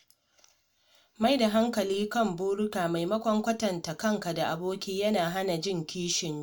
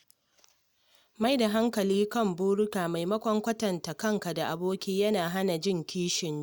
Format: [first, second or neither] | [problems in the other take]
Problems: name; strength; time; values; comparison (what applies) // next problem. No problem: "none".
second | room echo; dies away in 0.2 s